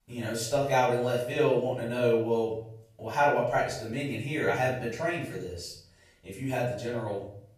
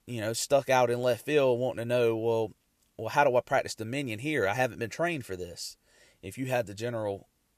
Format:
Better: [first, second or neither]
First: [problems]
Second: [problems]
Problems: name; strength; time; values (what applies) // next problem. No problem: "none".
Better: second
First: off-mic speech; far // room echo; noticeable; dies away in 0.6 s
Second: none